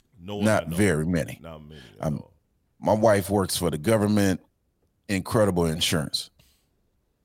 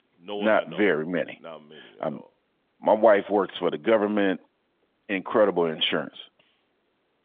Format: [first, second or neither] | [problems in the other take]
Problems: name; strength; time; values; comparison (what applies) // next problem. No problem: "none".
first | phone-call audio; nothing above 3.5 kHz